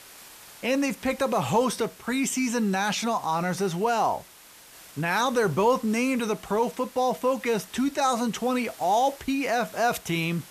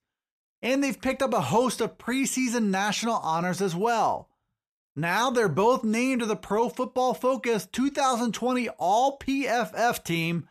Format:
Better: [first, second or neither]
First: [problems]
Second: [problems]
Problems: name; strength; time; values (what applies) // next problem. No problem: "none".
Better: second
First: hiss; faint; throughout; 20 dB below the speech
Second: none